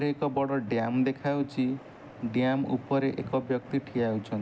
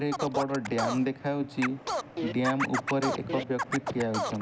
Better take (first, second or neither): first